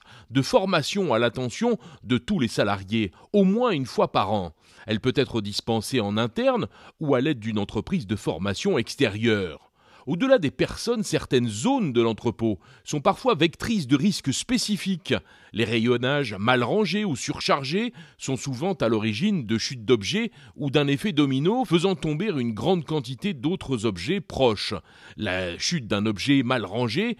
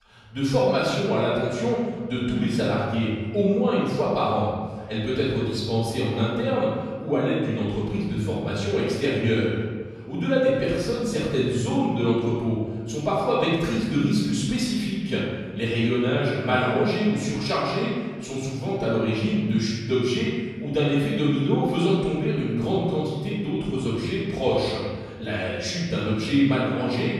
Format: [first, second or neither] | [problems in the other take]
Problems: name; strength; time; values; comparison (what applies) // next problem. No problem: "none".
first | off-mic speech; far // room echo; strong; dies away in 1.5 s